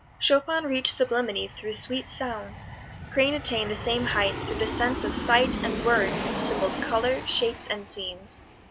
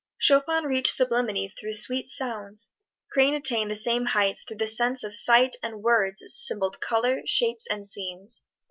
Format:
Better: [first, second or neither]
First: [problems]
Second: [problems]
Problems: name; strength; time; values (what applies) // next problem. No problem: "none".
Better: second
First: background sound (Aircraft); 6 dB below the speech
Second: none